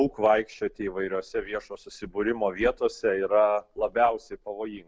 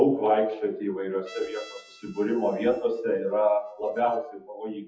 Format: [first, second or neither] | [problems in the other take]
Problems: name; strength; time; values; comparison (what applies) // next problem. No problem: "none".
first | noise reduction (classical method WPE with log-MMSE)